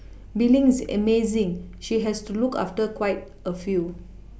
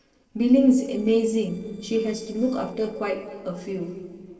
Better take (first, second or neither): first